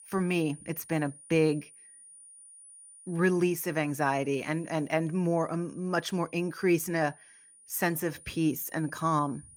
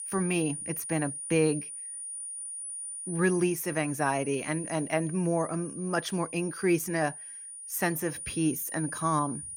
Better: first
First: high-pitched whine; faint; throughout; 9.5 kHz, 20 dB below the speech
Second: high-pitched whine; loud; throughout; 9.5 kHz, 8 dB below the speech

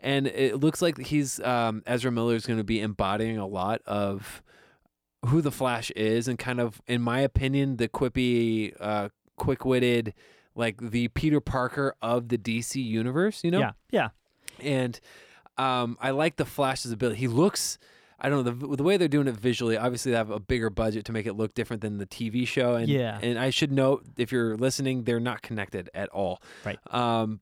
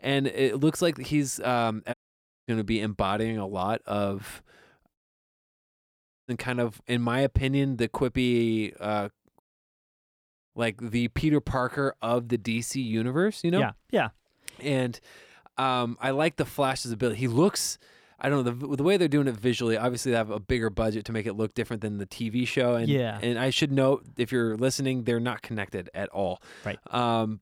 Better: first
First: none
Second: audio cutting out; at 2 s for 0.5 s, at 5 s for 1.5 s and at 9.5 s for 1 s

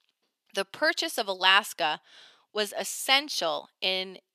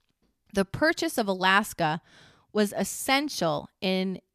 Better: second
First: thin; somewhat; fading below 500 Hz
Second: none

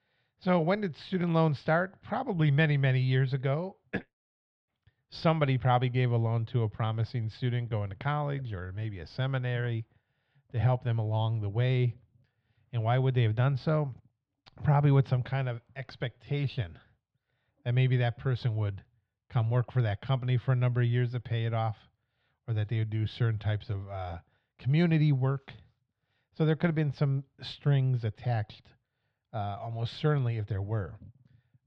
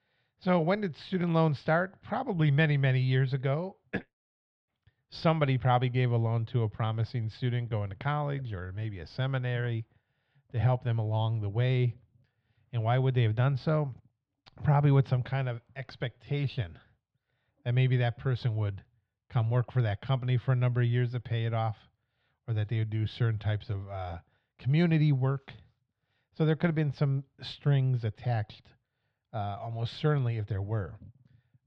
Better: neither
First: muffled; slightly; fading above 3.5 kHz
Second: muffled; slightly; fading above 3.5 kHz

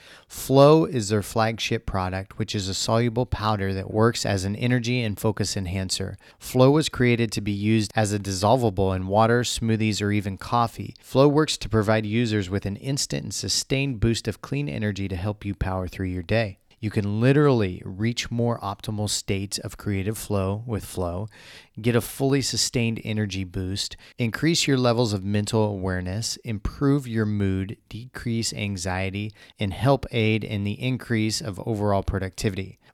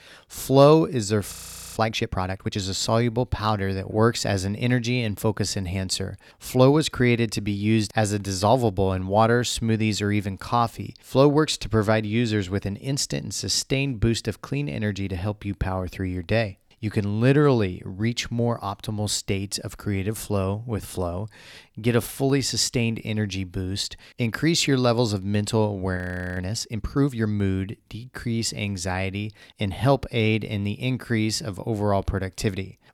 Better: first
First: none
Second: audio freezing; at 1.5 s and at 26 s

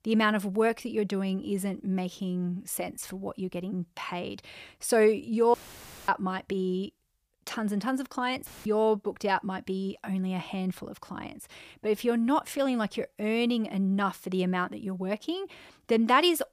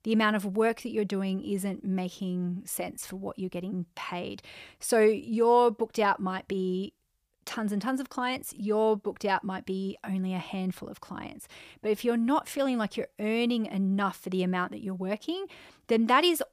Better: second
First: audio cutting out; filled with static; at 5.5 s for 0.5 s and at 8.5 s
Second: none

